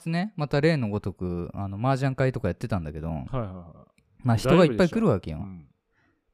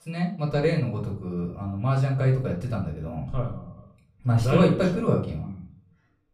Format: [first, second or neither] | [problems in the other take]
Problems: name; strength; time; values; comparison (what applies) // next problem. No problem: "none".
first | off-mic speech; far // room echo; slight; dies away in 0.4 s